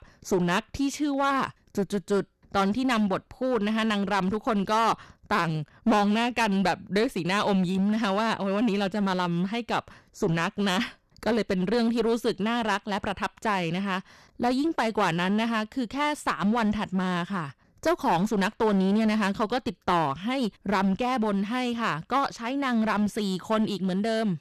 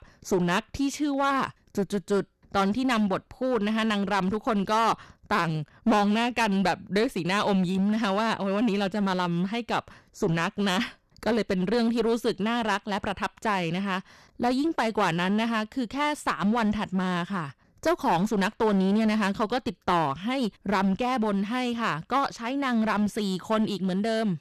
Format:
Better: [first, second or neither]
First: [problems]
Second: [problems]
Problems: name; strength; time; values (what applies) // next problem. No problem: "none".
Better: neither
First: distortion; slight; 9% of the sound clipped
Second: distortion; slight; 9% of the sound clipped